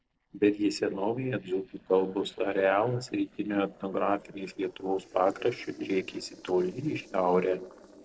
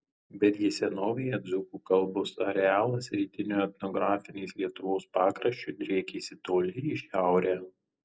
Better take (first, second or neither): second